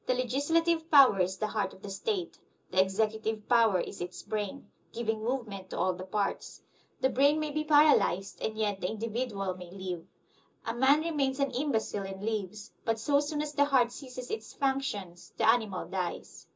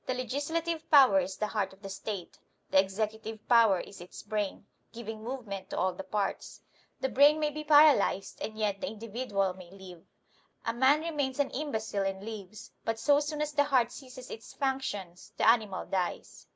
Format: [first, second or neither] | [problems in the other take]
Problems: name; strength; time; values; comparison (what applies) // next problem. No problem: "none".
second | room echo; dies away in 0.2 s